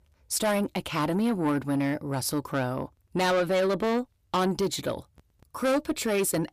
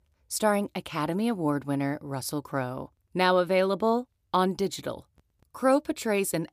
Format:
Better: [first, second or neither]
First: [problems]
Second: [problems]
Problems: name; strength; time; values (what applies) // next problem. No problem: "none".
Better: second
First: distortion; heavy; 7 dB below the speech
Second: none